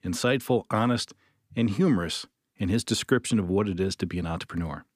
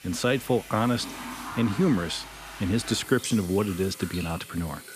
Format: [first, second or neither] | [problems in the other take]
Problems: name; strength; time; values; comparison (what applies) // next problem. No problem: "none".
first | household noises; noticeable; throughout; 10 dB below the speech